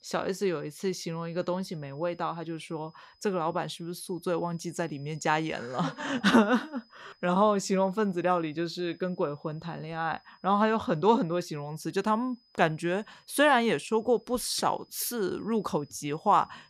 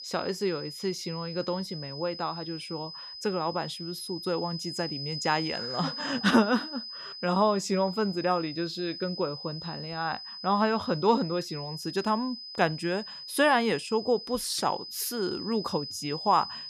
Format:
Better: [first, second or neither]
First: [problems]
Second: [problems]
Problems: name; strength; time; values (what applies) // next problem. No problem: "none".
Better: first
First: high-pitched whine; faint; throughout; 5 kHz, 30 dB below the speech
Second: high-pitched whine; loud; throughout; 5 kHz, 8 dB below the speech